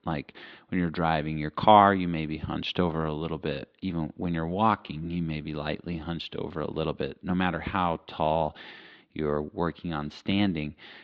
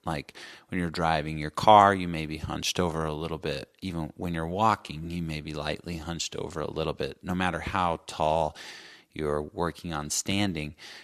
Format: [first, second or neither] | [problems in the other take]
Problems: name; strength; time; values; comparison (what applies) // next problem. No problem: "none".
second | muffled; slightly; fading above 3.5 kHz